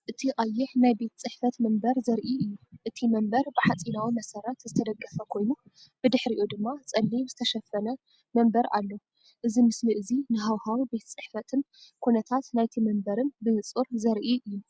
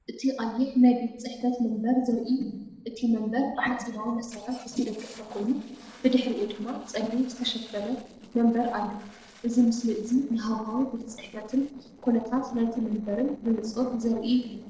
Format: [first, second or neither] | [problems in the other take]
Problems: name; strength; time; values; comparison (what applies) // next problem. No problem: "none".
first | noise reduction (neural separator model SepFormer DNS4)